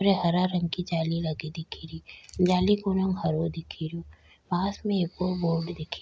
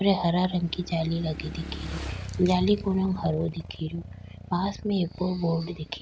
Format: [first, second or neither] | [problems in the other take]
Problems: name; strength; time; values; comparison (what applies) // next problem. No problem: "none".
first | background sound (Motorcycle / Engine); 12 dB below the speech